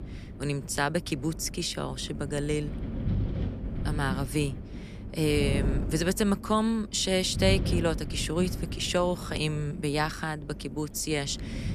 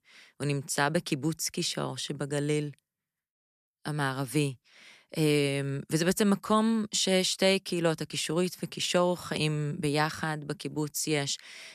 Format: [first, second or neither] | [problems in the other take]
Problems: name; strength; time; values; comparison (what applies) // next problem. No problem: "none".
second | wind noise on the microphone; occasional gusts; 15 dB below the speech